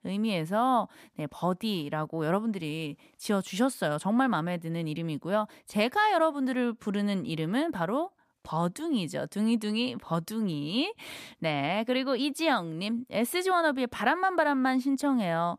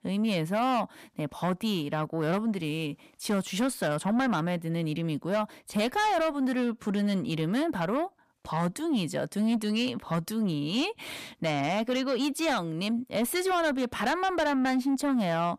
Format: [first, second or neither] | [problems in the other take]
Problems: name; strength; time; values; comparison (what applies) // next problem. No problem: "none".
first | distortion; slight; 10 dB below the speech